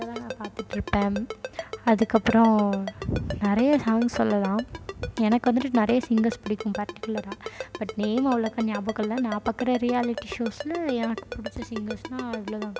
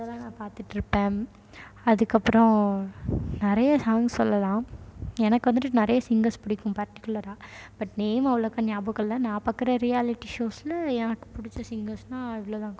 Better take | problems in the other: second | background sound (Ringtone); 12 dB below the speech

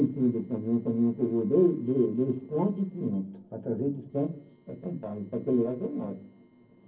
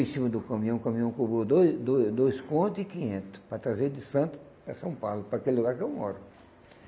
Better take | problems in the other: second | noise reduction (neural separator model SepFormer DNS4)

